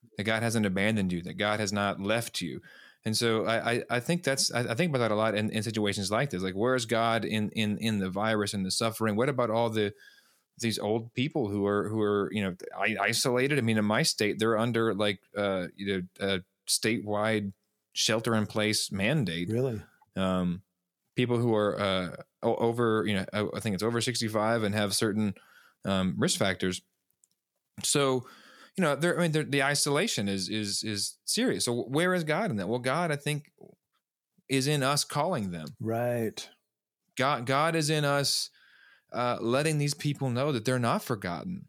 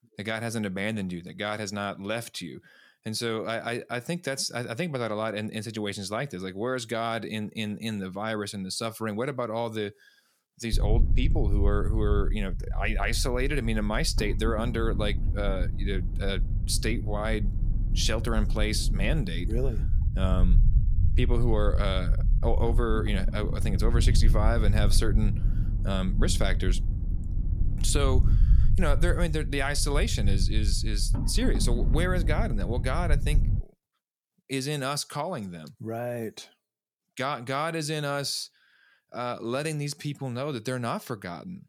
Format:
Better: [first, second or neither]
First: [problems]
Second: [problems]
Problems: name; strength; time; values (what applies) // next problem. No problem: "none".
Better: first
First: none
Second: low rumble; noticeable; from 11 to 34 s; 15 dB below the speech